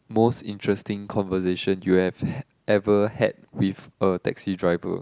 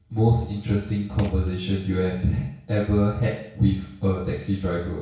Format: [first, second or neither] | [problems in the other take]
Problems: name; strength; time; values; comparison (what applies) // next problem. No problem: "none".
first | background sound (Crushing); 19 dB below the speech // room echo; dies away in 0.6 s